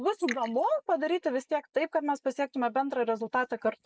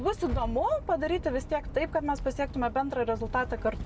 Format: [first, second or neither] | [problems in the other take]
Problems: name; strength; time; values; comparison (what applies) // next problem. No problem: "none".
second | noise reduction (neural mask model Resemble Enhance denoiser)